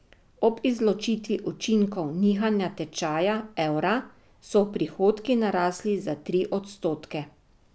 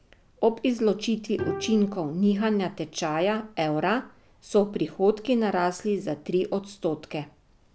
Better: first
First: none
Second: background sound (Bowed string instrument); 12 dB below the speech

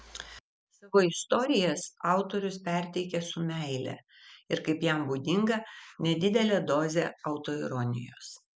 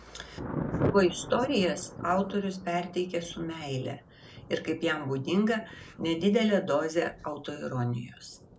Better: first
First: none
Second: background sound (Thunder); 10 dB below the speech // room echo; dies away in 0.2 s

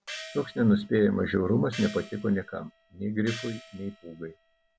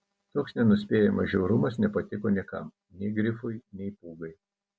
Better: second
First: background sound (Gong); 17 dB below the speech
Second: none

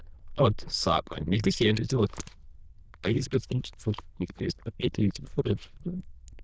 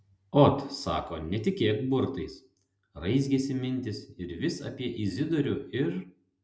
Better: second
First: noise reduction (neural diffusion model UNIVERSE++)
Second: none

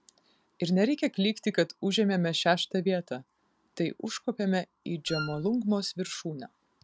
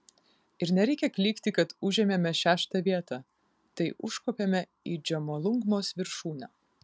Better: second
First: background sound (Wind instrument, woodwind instrument); 10 dB below the speech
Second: none

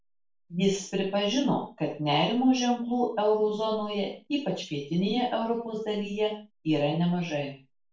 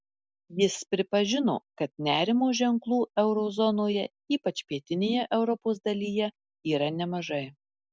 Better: second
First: room echo; dies away in 0.3 s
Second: none

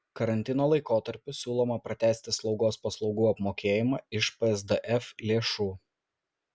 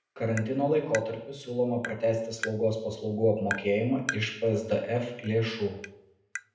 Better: first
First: none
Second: background sound (Tap); 13 dB below the speech // room echo; dies away in 0.7 s

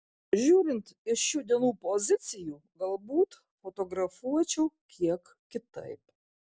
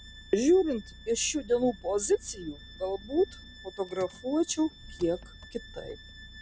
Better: first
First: none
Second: background sound (Engine + Bowed string instrument); 18 dB below the speech

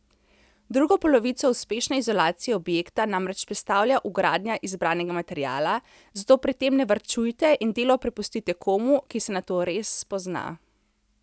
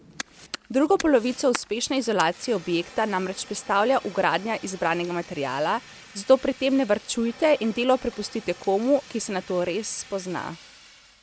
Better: first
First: none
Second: background sound (Fire); 18 dB below the speech

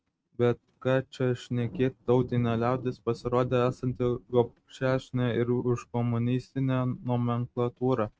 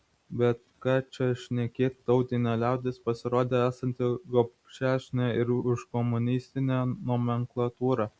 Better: second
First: noise reduction (neural mask model RNNoise)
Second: none

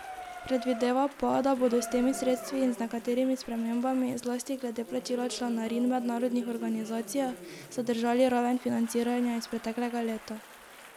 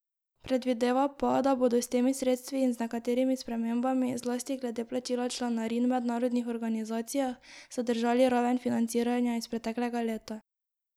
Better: second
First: background sound (Applause + Bathtub (filling or washing) / Water tap, faucet); 15 dB below the speech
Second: none

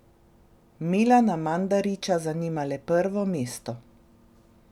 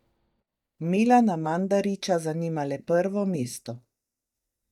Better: first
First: none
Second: noise reduction (neural mask model DeepFilterNet 3)

